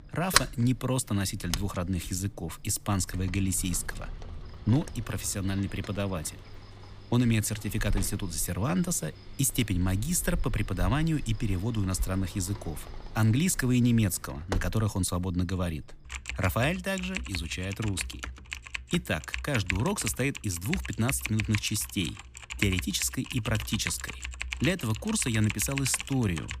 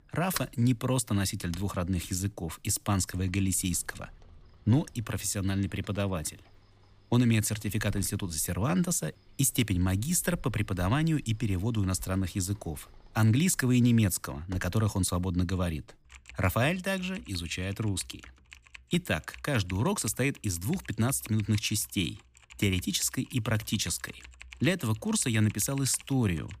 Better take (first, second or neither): second